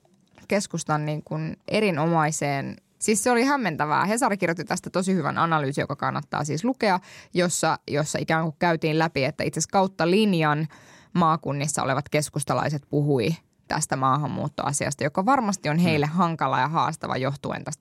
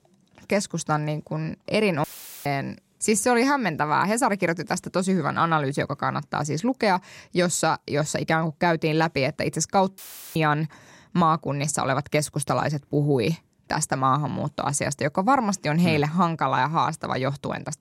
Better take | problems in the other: first | audio cutting out; filled with static; at 2 s and at 10 s

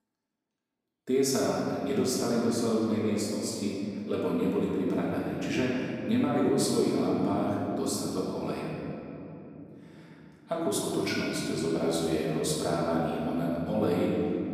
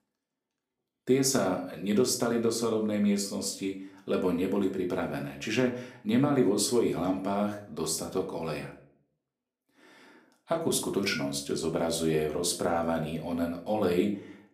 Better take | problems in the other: second | room echo; strong; dies away in 3 s; slight in the second // off-mic speech; far; somewhat distant in the second

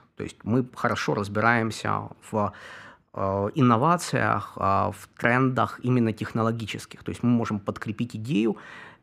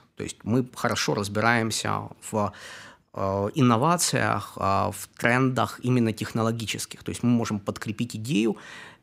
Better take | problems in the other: second | muffled; slightly; fading above 3.5 kHz

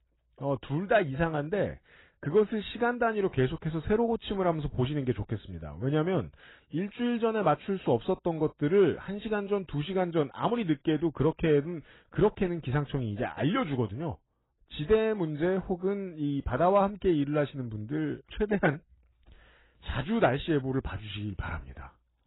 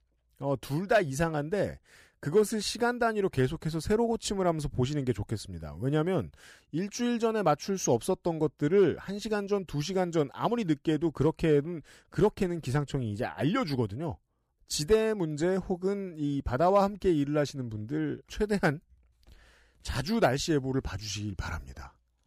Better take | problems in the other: second | garbled, watery; badly; nothing above 4 kHz

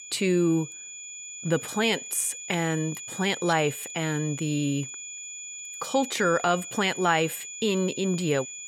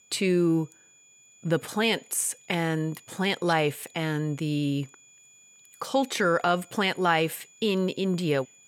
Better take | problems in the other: second | high-pitched whine; loud; throughout; 7 kHz, 10 dB below the speech; faint in the second

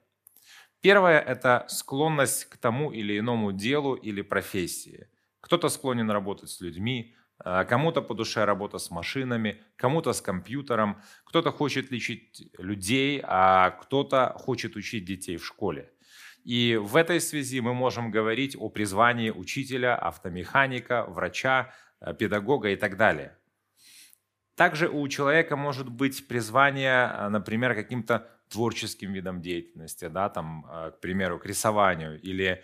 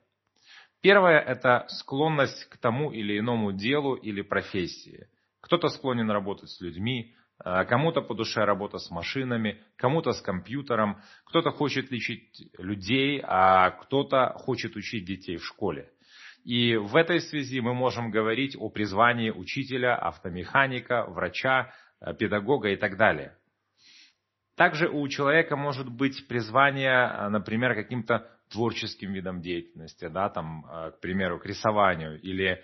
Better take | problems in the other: first | garbled, watery; slightly; nothing above 6 kHz

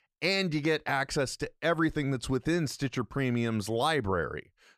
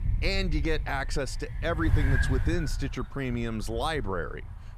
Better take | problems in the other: first | wind noise on the microphone; heavy; 7 dB below the speech

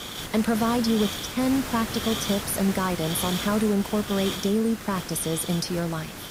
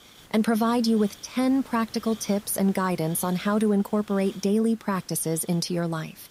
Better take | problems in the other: second | hiss; loud; throughout; 6 dB below the speech; faint in the second

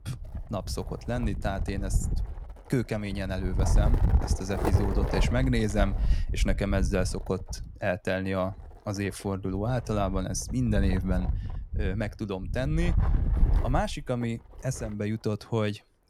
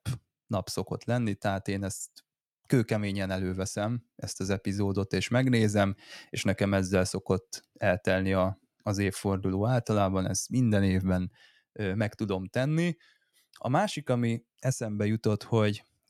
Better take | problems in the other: second | wind noise on the microphone; heavy; 8 dB below the speech

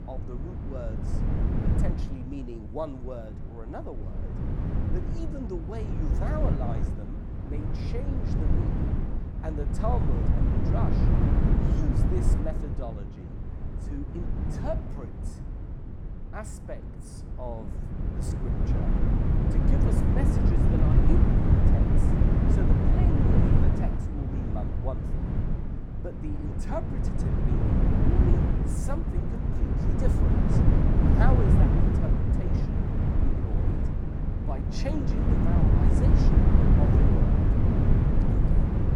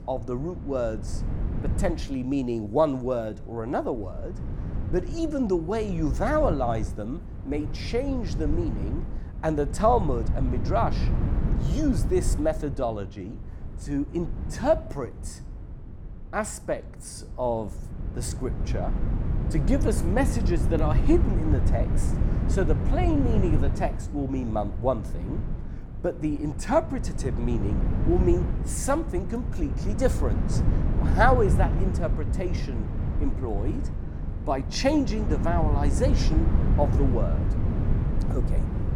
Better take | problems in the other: second | wind noise on the microphone; heavy; 4 dB above the speech; occasional gusts in the second

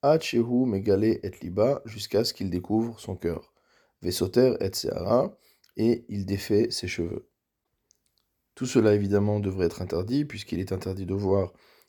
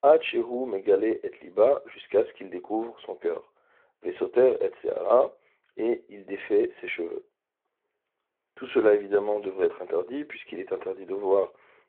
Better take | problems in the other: first | phone-call audio

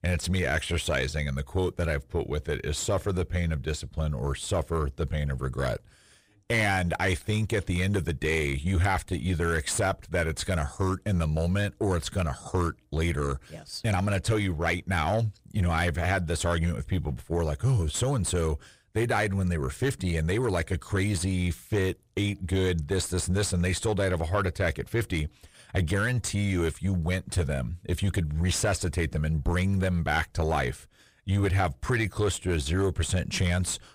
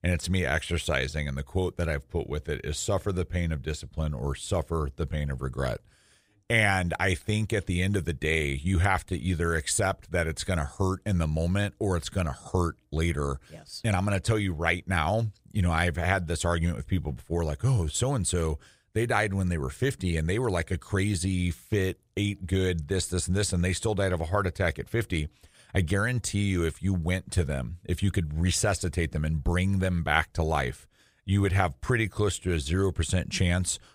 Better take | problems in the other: second | distortion; slight; 10 dB below the speech

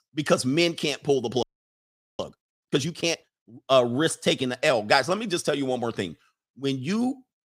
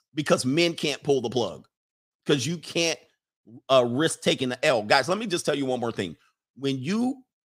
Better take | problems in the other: second | audio freezing; at 1.5 s for 1 s

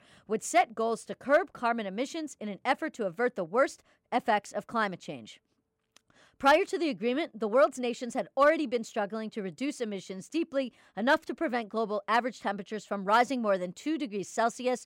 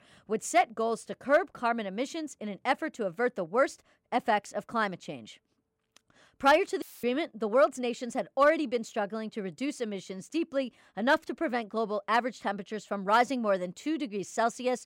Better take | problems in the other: first | audio cutting out; filled with static; at 7 s

